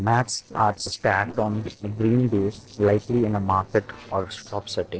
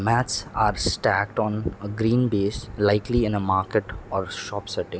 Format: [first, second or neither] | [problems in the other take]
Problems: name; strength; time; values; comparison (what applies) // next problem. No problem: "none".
second | noise reduction (neural separator model SepFormer DNS4)